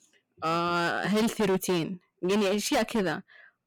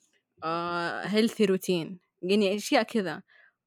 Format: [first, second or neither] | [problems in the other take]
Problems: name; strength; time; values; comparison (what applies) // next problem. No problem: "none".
second | distortion; heavy; 15% of the sound clipped